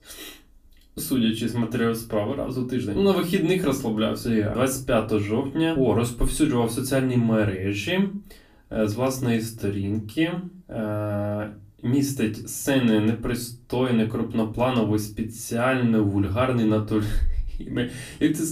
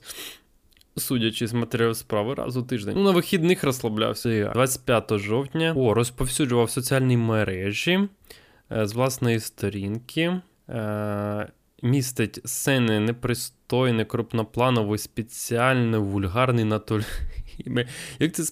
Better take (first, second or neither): second